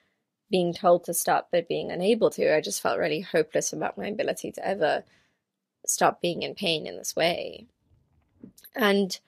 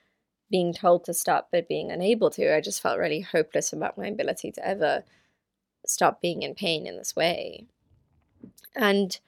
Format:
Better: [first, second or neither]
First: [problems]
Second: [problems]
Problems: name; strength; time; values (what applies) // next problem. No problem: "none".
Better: second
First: garbled, watery; slightly; nothing above 13.5 kHz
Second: none